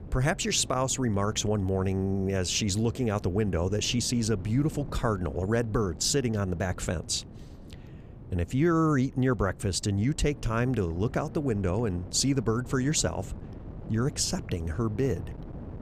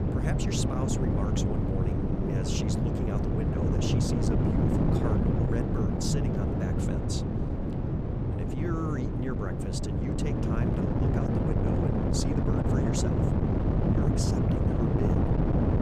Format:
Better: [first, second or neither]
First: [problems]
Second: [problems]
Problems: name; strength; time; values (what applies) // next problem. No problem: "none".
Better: first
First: wind noise on the microphone; occasional gusts; 20 dB below the speech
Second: wind noise on the microphone; heavy; 5 dB above the speech